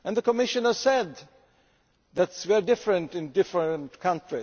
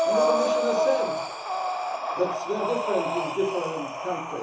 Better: first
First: none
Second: background sound (Breathing); 3 dB above the speech // room echo; dies away in 0.7 s

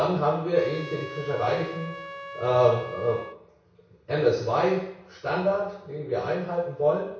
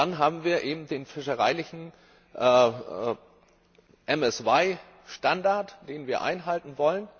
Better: second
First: background sound (Trumpet); 13 dB below the speech // room echo; dies away in 0.6 s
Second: none

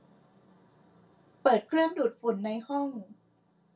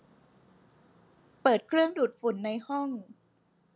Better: second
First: room echo; dies away in 0.2 s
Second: none

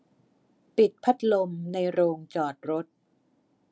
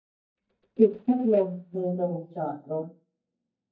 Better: first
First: none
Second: noise reduction (neural mask model DeepFilterNet 3)

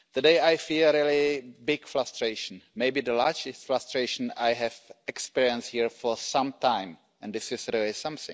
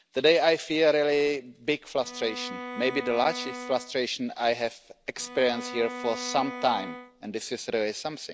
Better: first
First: none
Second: background sound (Bowed string instrument); 12 dB below the speech

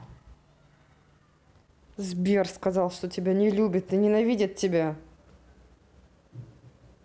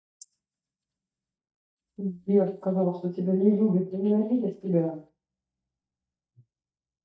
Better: first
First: none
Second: noise reduction (neural mask model DeepFilterNet 3)

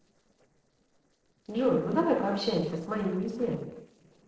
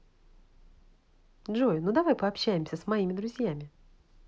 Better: second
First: noise reduction (neural separator model SepFormer DNS4)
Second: none

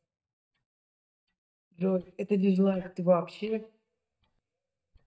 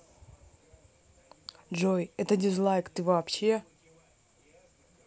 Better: second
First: noise reduction (neural mask model DeepFilterNet 3)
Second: none

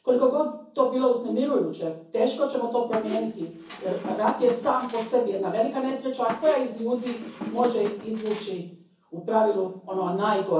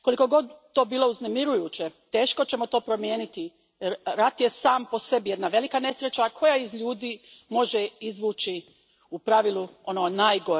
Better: second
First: background sound (Squeak); 12 dB below the speech // room echo; dies away in 0.6 s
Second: none

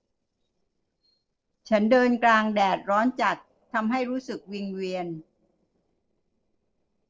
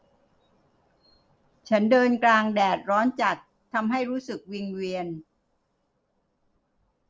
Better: second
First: noise reduction (neural separator model SepFormer DNS4)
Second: none

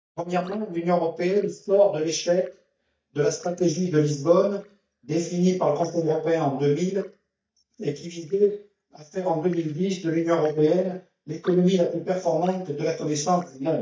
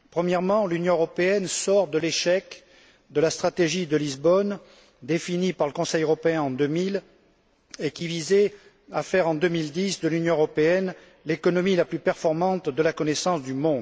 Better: second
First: noise reduction (neural mask model DeepFilterNet 3)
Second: none

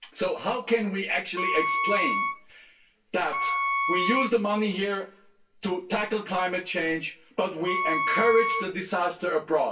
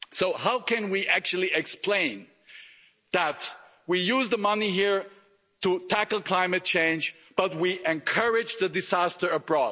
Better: second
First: background sound (Wind instrument, woodwind instrument); 1 dB below the speech // room echo; dies away in 0.2 s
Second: none

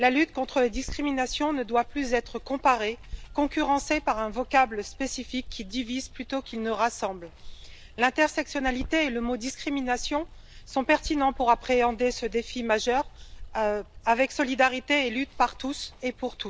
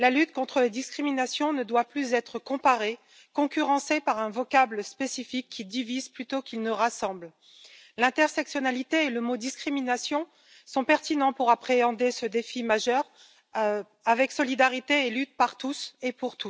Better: second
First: background sound (Water); 15 dB below the speech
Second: none

